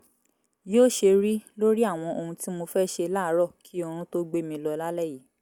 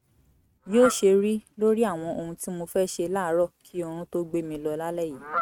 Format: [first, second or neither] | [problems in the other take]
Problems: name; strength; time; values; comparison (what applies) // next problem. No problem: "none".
first | noise reduction (neural mask model RNNoise)